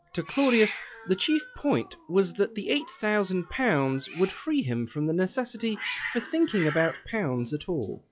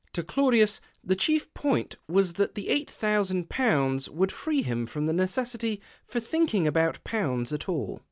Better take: second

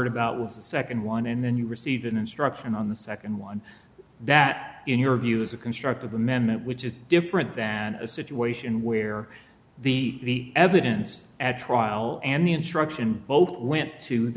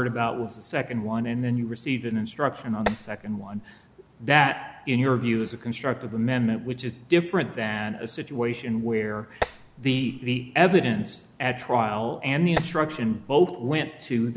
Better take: first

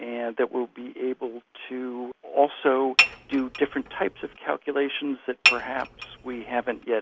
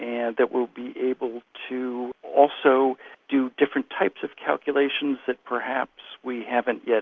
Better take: second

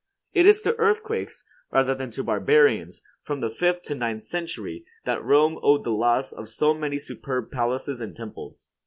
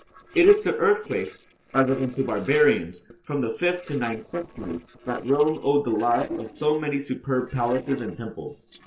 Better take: first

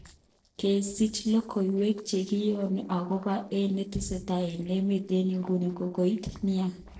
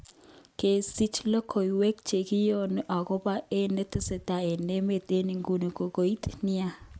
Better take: second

